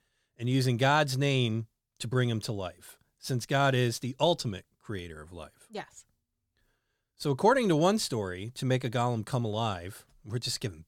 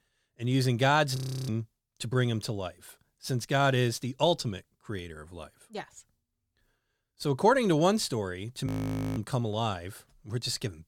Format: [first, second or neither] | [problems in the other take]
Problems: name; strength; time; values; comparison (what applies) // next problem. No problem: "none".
first | audio freezing; at 1 s and at 8.5 s for 0.5 s